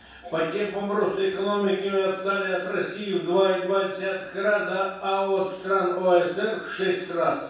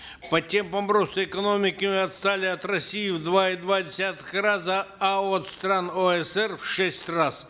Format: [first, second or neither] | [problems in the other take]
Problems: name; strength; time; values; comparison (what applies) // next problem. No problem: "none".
second | room echo; dies away in 0.7 s